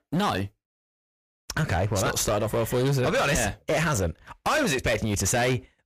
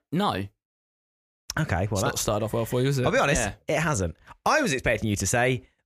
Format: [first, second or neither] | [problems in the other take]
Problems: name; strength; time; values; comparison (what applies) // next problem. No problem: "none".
second | distortion; heavy; 18% of the sound clipped